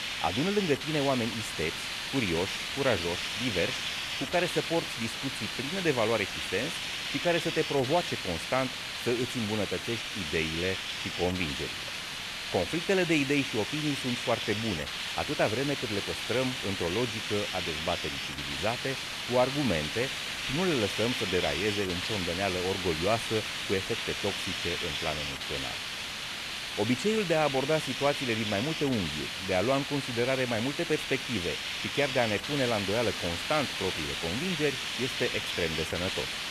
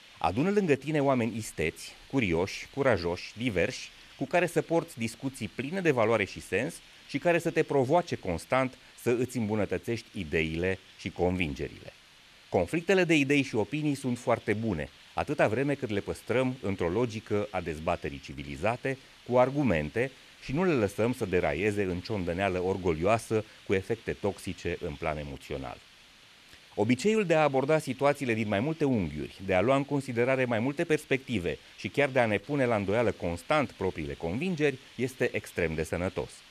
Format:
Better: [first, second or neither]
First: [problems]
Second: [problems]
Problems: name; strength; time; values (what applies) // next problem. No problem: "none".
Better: second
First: hiss; loud; throughout; 1 dB below the speech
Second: hiss; faint; throughout; 25 dB below the speech